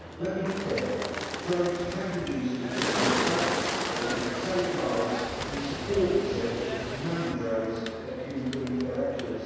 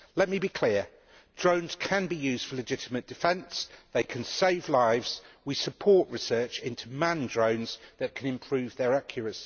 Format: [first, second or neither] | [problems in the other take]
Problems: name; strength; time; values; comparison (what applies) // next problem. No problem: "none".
second | background sound (Bird); 2 dB below the speech // room echo; dies away in 2 s